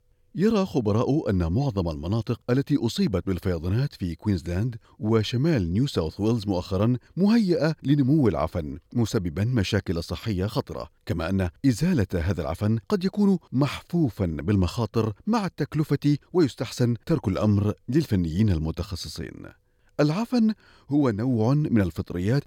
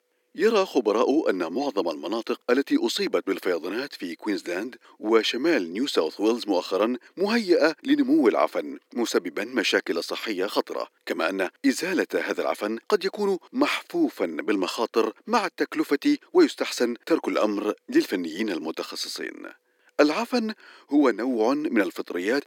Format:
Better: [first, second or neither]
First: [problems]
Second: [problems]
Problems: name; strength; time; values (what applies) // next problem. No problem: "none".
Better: first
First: none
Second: thin; somewhat; fading below 300 Hz